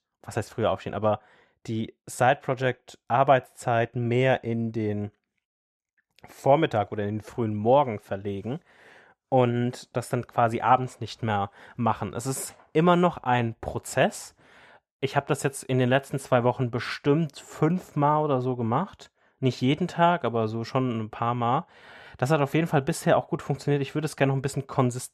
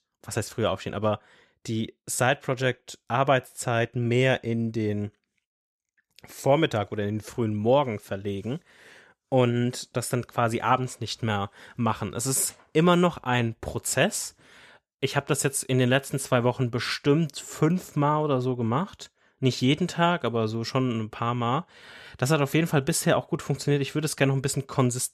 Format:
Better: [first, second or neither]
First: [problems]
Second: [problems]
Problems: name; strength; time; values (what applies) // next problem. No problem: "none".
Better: second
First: muffled; slightly; fading above 3 kHz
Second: none